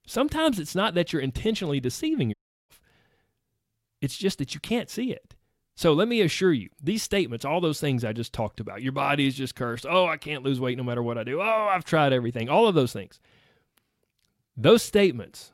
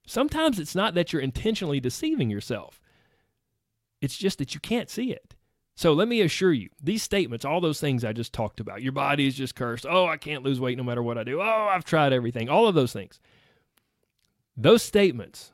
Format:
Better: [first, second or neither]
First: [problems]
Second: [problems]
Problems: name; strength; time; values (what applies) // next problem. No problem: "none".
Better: second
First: audio cutting out; at 2.5 s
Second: none